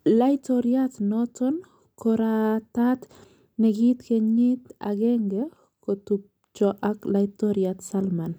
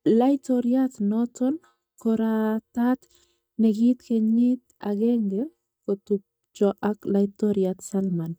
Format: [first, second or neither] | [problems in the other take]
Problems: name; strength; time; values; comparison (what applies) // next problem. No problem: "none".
first | noise reduction (neural mask model DeepFilterNet 3)